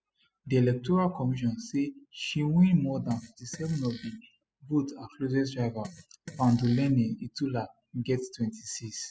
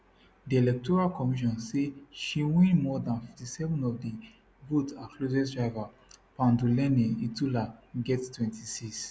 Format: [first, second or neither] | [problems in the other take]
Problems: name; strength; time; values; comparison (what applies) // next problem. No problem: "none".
second | noise reduction (classical method spectral subtraction)